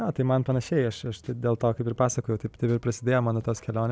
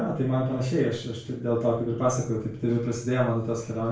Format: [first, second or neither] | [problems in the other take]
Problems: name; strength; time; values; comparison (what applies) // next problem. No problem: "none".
first | room echo; dies away in 0.4 s